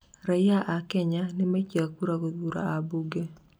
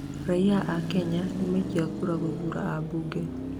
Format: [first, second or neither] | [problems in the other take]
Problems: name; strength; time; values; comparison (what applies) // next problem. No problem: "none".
first | background sound (Car passing by / Traffic noise, roadway noise / Engine); 5 dB below the speech